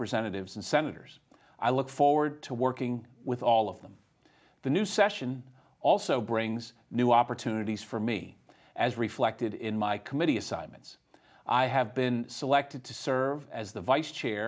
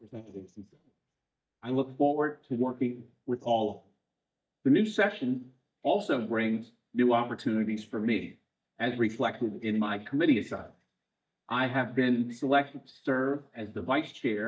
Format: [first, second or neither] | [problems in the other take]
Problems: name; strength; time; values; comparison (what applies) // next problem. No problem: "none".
first | noise reduction (neural mask model DeepFilterNet 3)